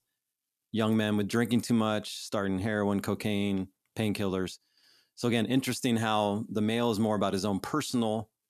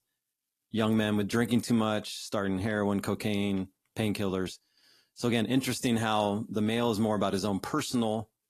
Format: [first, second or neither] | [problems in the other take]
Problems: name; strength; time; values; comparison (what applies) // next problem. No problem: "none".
first | garbled, watery; slightly; nothing above 14 kHz